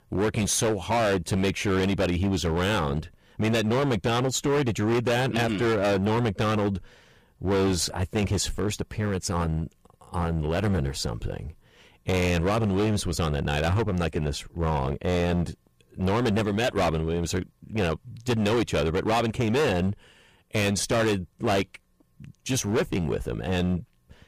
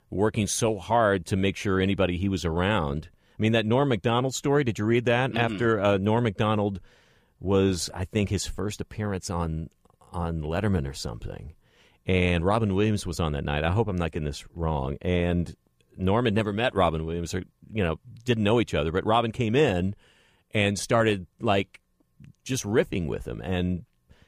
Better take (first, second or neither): second